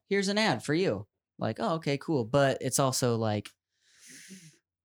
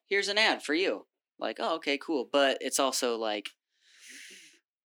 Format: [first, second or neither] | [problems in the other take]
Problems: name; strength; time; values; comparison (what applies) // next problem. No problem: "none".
first | thin; somewhat; fading below 250 Hz